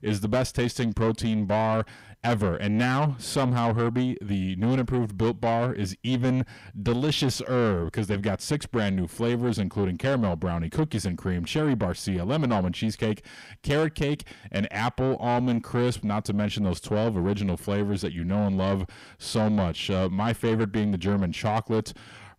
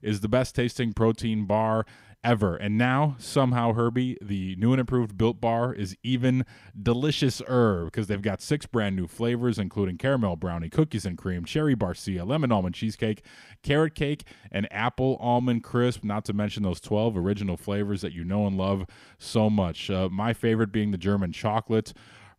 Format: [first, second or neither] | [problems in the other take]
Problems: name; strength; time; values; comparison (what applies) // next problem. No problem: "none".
second | distortion; slight; 10 dB below the speech